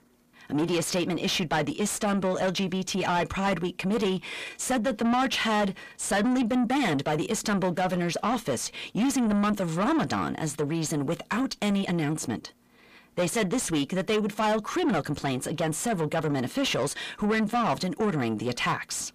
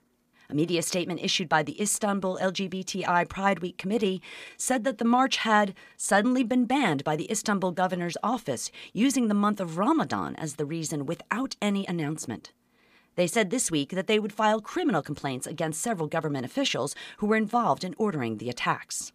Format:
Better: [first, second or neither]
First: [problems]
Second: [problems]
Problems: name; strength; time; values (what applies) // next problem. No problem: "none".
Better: second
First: distortion; heavy; 7 dB below the speech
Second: none